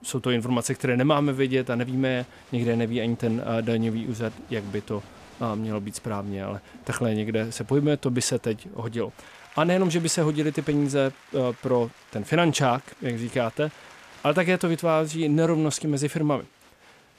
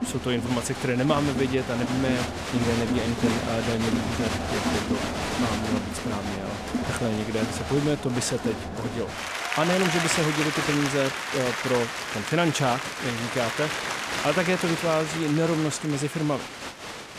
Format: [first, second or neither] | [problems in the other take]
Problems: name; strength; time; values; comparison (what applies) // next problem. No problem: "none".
first | crowd noise; loud; throughout; 2 dB below the speech; faint in the first